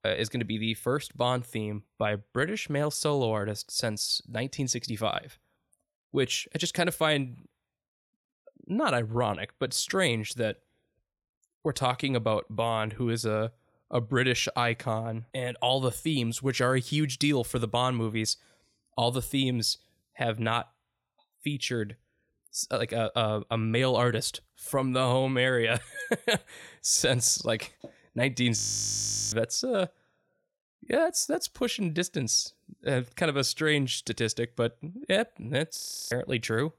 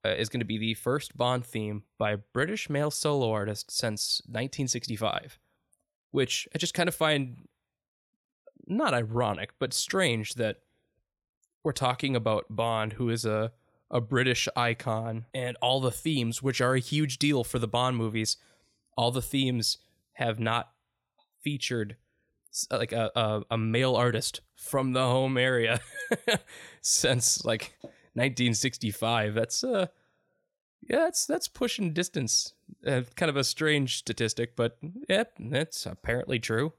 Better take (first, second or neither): second